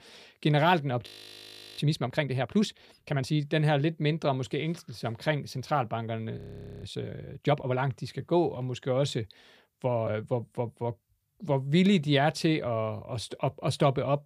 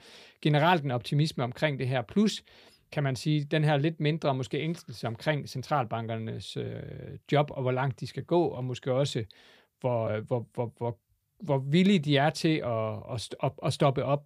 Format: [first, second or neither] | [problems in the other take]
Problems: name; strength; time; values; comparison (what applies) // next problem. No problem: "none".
second | audio freezing; at 1 s for 0.5 s and at 6.5 s